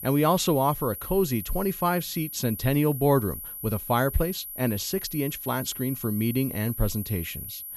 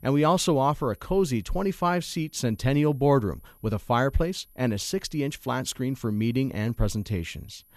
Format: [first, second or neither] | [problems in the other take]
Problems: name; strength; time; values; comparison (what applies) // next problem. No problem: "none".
second | high-pitched whine; loud; throughout; 11.5 kHz, 8 dB below the speech; faint in the second